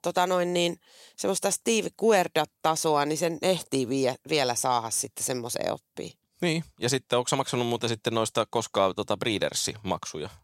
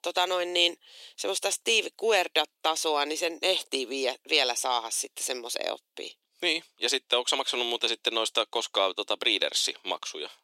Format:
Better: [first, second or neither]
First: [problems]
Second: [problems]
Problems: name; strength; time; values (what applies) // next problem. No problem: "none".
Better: first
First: none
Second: thin; somewhat; fading below 300 Hz